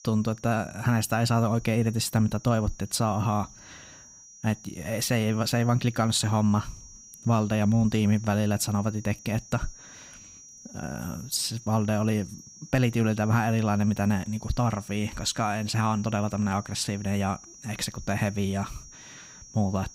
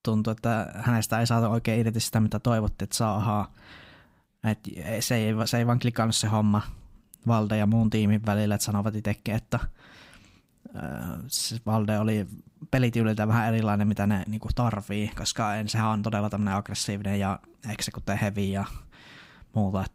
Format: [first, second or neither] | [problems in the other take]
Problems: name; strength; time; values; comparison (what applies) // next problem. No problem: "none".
second | high-pitched whine; noticeable; throughout; 5.5 kHz, 20 dB below the speech